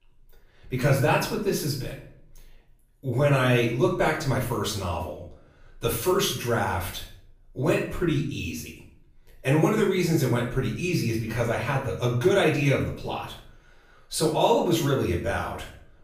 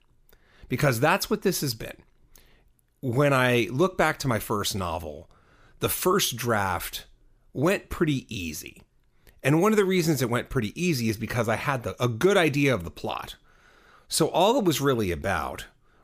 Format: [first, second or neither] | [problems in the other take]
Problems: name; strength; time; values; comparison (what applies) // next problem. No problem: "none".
second | room echo; noticeable; dies away in 0.5 s // off-mic speech; far